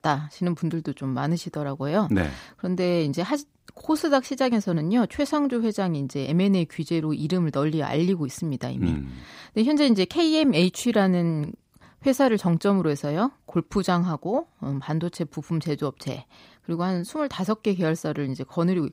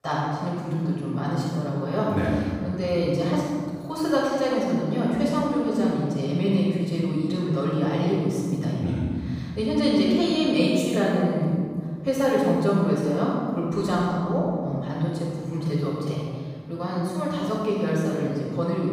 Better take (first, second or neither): first